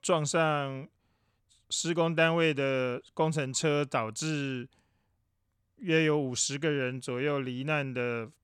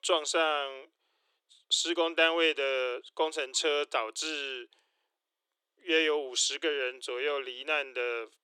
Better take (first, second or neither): first